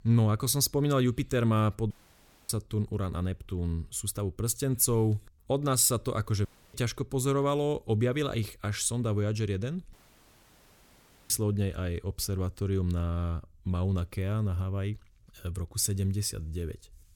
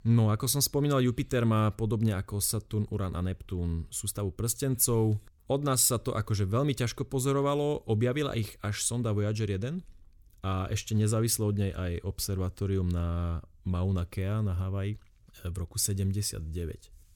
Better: second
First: audio cutting out; at 2 s for 0.5 s, at 6.5 s and at 10 s for 1.5 s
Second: none

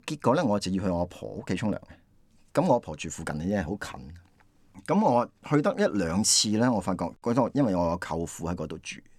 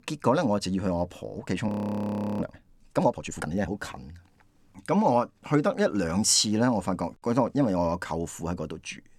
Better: first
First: none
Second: audio freezing; at 1.5 s for 0.5 s

